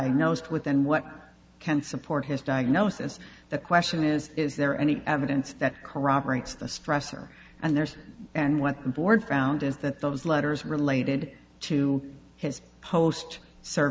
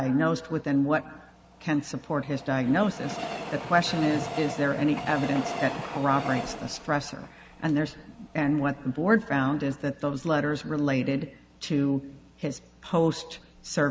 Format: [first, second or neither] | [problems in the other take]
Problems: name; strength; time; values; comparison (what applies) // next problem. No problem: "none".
first | background sound (Train); 12 dB below the speech